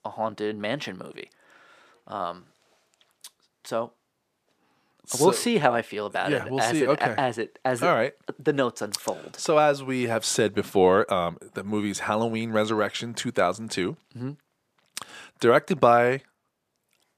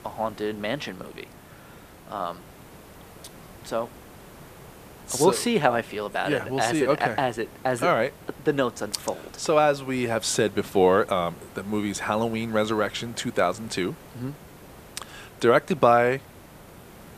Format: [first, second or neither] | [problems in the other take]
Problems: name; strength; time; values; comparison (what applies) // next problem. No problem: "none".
first | hiss; faint; throughout; 20 dB below the speech